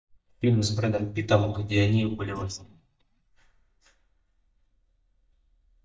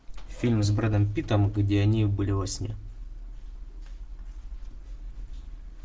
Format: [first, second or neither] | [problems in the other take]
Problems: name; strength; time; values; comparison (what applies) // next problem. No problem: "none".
second | noise reduction (neural mask model DeepFilterNet 3)